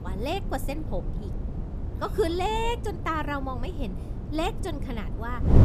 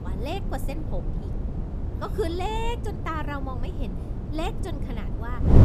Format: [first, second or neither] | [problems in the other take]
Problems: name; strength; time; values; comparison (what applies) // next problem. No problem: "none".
first | wind noise on the microphone; heavy; 8 dB below the speech; occasional gusts in the first